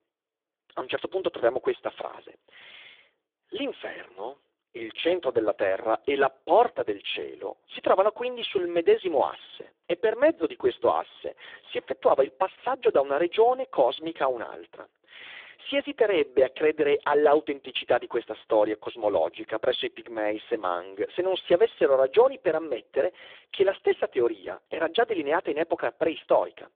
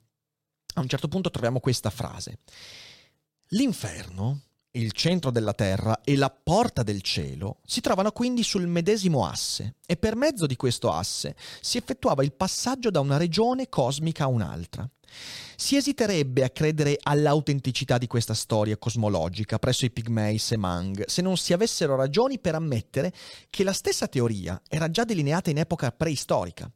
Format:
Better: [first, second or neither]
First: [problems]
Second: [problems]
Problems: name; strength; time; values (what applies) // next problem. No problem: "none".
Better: second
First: phone-call audio; poor line; nothing above 3.5 kHz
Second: none